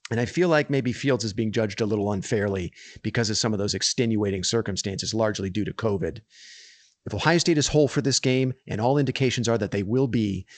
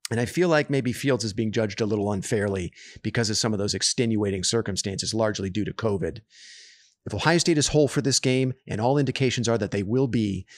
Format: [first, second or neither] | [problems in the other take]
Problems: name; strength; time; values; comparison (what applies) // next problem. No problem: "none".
second | garbled, watery; slightly; nothing above 7.5 kHz